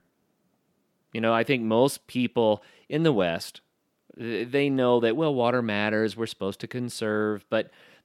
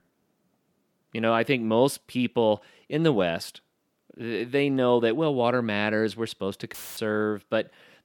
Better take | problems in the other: first | audio cutting out; filled with static; at 6.5 s

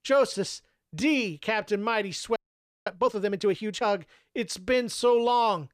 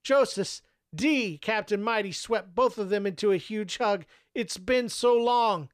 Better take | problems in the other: second | audio freezing; at 2.5 s for 0.5 s

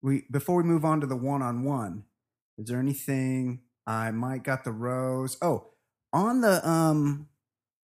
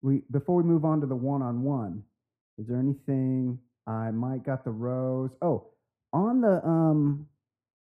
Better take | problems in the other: first | muffled; very; fading above 2 kHz

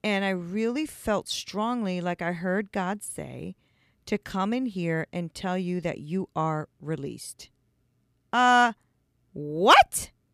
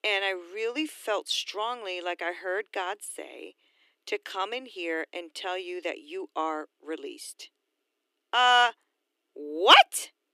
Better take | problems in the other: first | thin; very; fading below 300 Hz

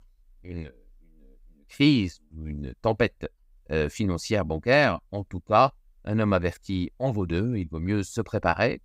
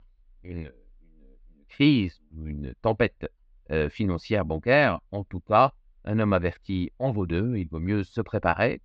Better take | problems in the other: first | muffled; very slightly; fading above 4 kHz

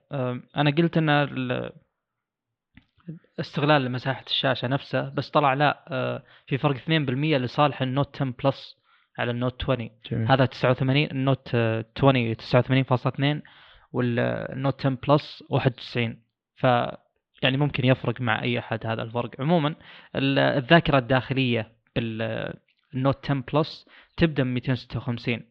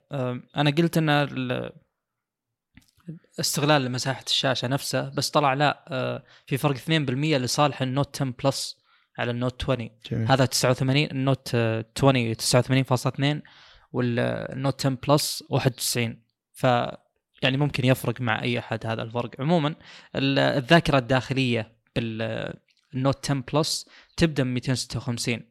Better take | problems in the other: second | muffled; slightly; fading above 3.5 kHz

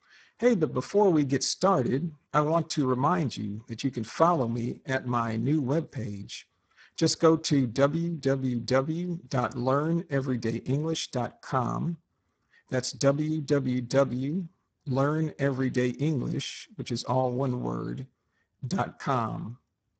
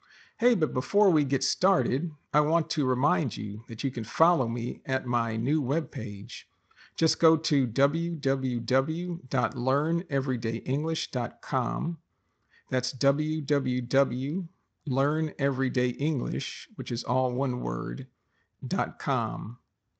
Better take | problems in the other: second | garbled, watery; badly; nothing above 7.5 kHz; slightly in the second

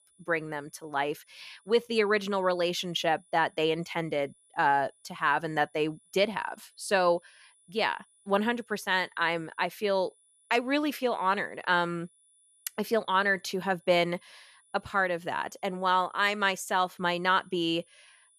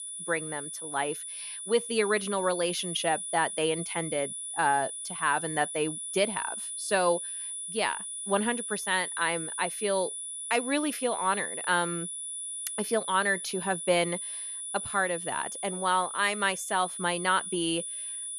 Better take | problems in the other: first | high-pitched whine; loud; throughout; 10 kHz, 5 dB below the speech; faint in the first

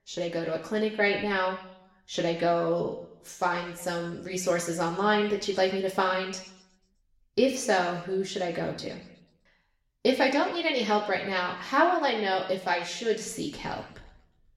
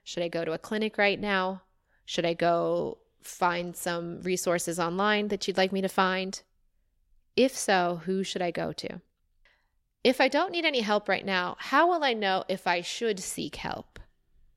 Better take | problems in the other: second | room echo; slight; dies away in 0.8 s // off-mic speech; somewhat distant

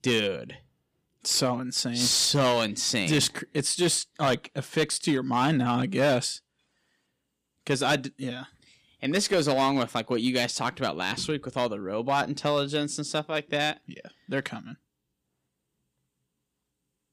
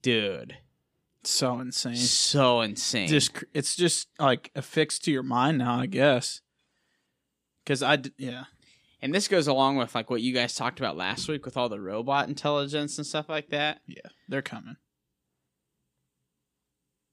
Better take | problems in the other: second | distortion; slight; 4% of the sound clipped

